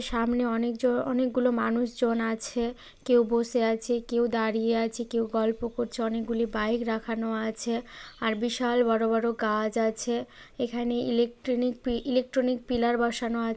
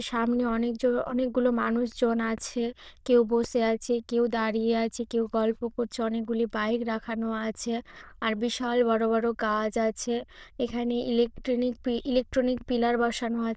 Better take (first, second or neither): first